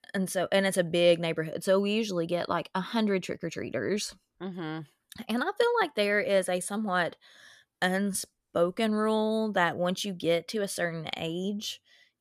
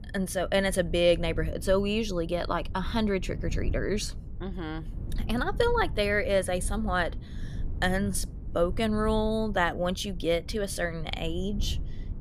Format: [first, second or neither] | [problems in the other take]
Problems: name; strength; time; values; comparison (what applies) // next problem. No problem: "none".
first | low rumble; faint; throughout; 20 dB below the speech